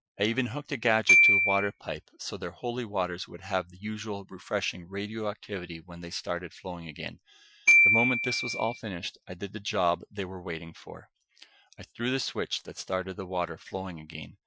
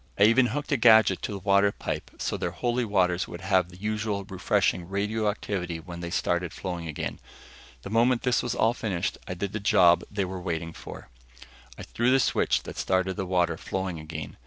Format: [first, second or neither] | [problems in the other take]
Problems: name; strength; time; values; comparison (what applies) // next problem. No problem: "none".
second | noise reduction (classical method Wiener filter)